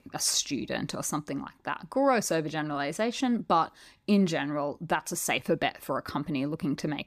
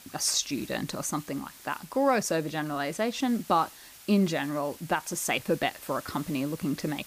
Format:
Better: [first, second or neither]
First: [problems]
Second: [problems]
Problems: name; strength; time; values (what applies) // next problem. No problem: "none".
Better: first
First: none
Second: hiss; noticeable; throughout; 20 dB below the speech